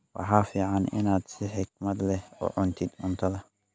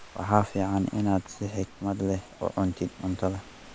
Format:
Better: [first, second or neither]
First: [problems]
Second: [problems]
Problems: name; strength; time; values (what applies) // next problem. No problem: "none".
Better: first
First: none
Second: background sound (Rain / Thunderstorm); 19 dB below the speech